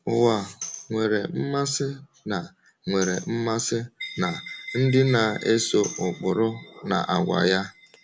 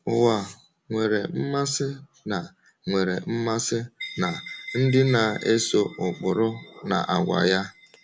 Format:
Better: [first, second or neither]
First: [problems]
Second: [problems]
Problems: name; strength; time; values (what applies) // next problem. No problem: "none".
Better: second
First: background sound (Tambourine); 17 dB below the speech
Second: none